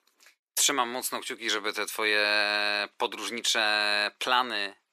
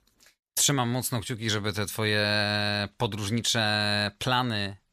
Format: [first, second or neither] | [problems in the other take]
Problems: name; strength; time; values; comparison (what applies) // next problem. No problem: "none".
second | thin; very; fading below 350 Hz